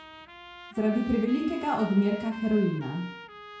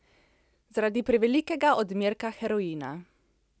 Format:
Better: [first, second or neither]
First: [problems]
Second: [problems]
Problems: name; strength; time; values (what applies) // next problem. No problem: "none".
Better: second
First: background sound (Trumpet); 16 dB below the speech // room echo; dies away in 0.5 s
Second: none